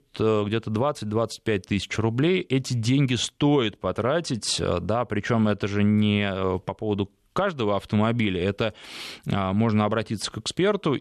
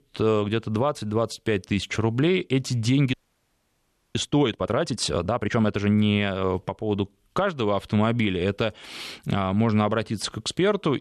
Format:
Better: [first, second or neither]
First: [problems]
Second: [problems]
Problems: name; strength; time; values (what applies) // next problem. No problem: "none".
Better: first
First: none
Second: audio freezing; at 3 s for 1 s